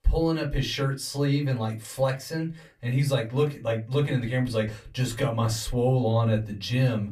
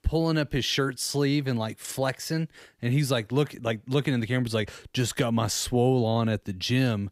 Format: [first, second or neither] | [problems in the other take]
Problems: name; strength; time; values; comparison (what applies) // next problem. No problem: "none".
second | off-mic speech; far // room echo; very slight; dies away in 0.2 s